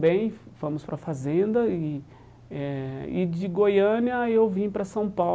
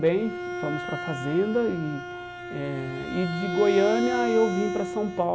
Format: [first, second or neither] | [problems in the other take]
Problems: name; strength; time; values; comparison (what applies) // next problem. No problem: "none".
first | background sound (Bowed string instrument); 5 dB below the speech